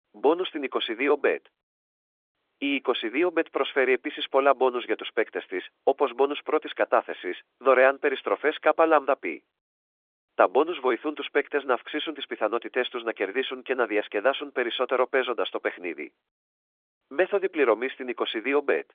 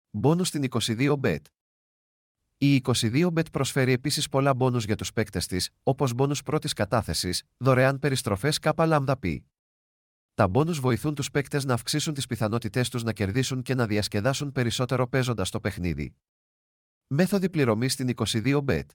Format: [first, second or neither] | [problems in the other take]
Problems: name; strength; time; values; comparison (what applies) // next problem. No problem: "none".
second | phone-call audio; nothing above 3.5 kHz